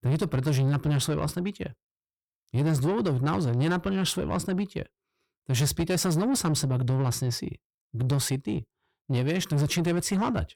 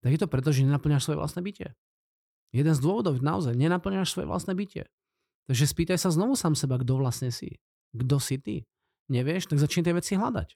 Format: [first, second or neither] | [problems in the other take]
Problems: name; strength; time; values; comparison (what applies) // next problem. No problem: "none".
second | distortion; slight; 10 dB below the speech